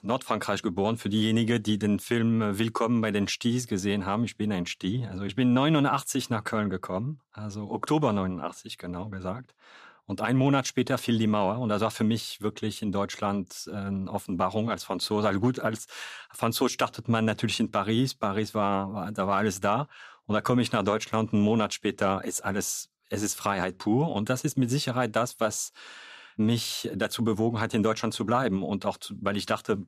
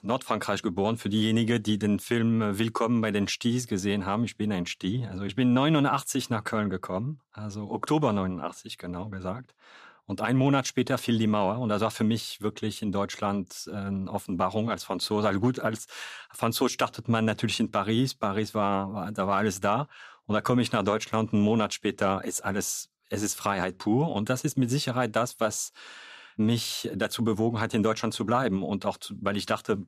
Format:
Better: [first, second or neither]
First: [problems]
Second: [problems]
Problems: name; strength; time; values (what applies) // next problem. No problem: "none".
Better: neither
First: none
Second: none